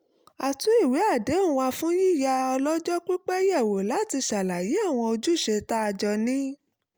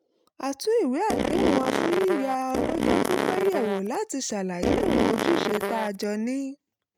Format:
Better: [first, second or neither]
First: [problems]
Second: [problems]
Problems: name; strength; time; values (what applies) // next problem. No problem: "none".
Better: first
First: none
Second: noise reduction (neural mask model RNNoise)